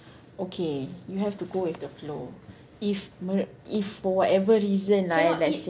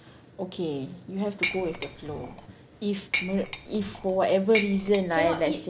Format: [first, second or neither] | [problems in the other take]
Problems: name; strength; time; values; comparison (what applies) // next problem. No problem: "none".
first | background sound (Dishes, pots, and pans); 7 dB below the speech